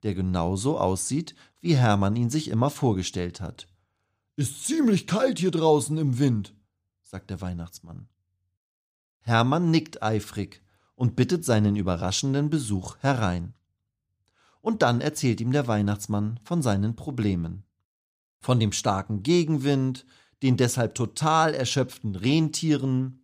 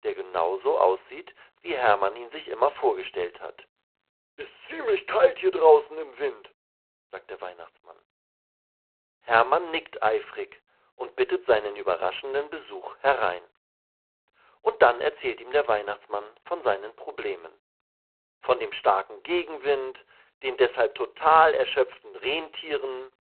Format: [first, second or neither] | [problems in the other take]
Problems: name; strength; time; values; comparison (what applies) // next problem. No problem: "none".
first | phone-call audio; poor line; nothing above 4 kHz